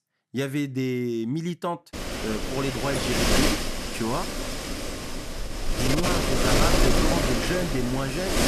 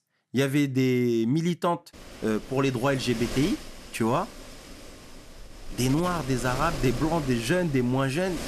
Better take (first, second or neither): second